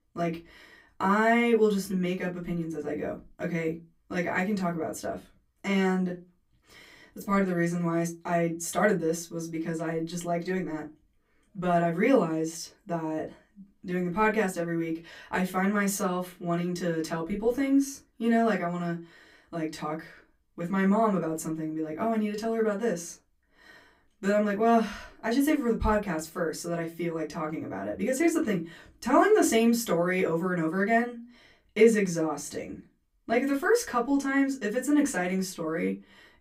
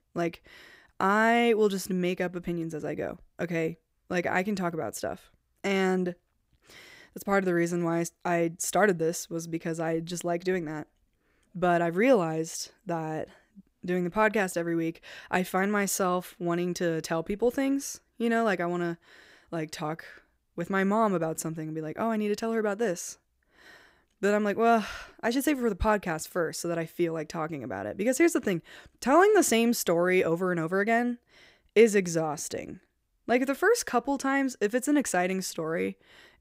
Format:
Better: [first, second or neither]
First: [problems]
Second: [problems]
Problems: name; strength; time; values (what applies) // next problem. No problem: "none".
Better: second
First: off-mic speech; far // room echo; very slight; dies away in 0.2 s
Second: none